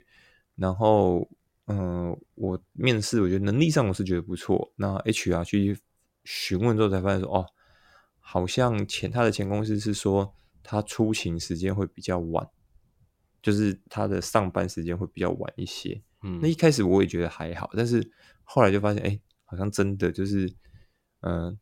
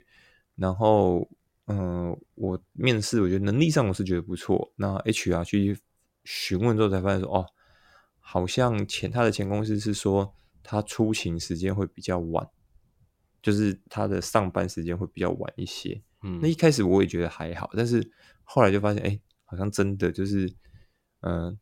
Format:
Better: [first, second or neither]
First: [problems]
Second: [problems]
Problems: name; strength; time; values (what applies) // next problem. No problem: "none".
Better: neither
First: none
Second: none